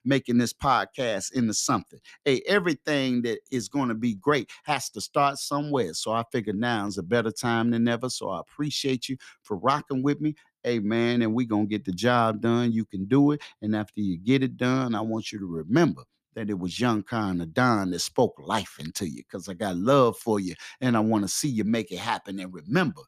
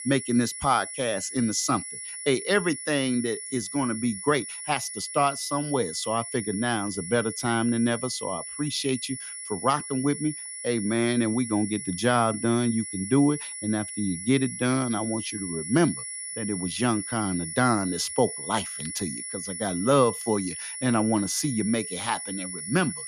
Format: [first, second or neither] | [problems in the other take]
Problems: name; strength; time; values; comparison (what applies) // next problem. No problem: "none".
first | high-pitched whine; loud; throughout; 10 kHz, 7 dB below the speech